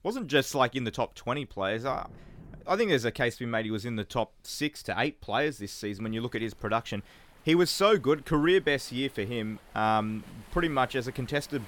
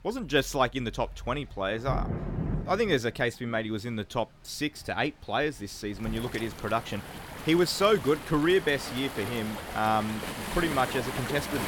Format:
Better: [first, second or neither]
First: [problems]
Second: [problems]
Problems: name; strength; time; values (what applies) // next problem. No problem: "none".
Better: first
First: rain or running water; faint; throughout; 25 dB below the speech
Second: rain or running water; loud; throughout; 8 dB below the speech